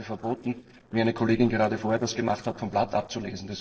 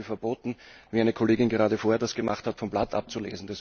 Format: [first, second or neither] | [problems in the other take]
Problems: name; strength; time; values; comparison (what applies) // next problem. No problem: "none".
second | noise reduction (neural separator model SepFormer DNS4)